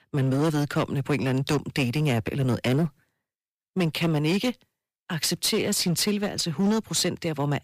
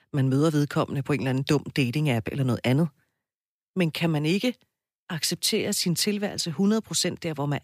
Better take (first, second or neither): second